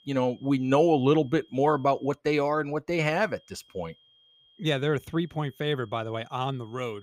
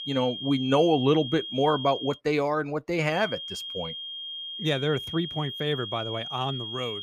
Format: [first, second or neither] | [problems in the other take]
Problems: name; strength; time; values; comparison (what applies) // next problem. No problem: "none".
first | high-pitched whine; loud; until 2 s and from 3 s on; 3 kHz, 7 dB below the speech; faint in the first